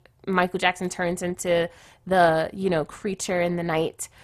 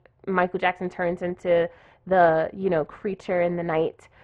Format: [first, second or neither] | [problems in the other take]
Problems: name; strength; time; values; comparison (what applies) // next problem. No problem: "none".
first | muffled; very; fading above 2 kHz